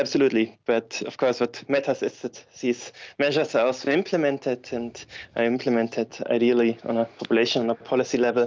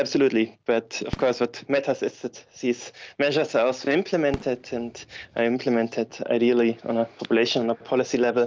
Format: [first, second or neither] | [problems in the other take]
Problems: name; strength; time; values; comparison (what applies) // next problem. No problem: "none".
first | background sound (Fireworks); 17 dB below the speech